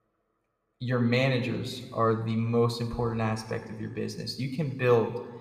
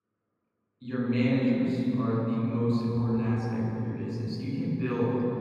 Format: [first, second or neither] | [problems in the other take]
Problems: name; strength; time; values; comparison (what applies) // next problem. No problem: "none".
first | room echo; strong; dies away in 3 s; slight in the first // off-mic speech; far